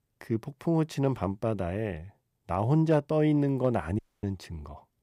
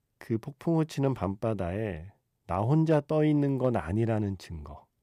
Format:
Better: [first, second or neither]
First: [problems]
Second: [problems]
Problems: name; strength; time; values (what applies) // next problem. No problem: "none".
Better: second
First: audio cutting out; at 4 s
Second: none